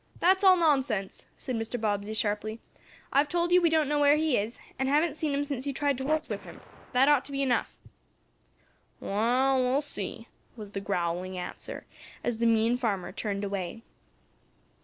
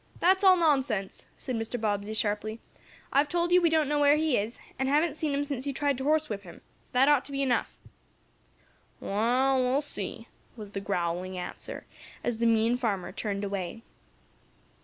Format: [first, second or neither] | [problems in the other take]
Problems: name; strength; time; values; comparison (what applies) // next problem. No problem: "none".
second | noise reduction (neural separator model SepFormer DNS4)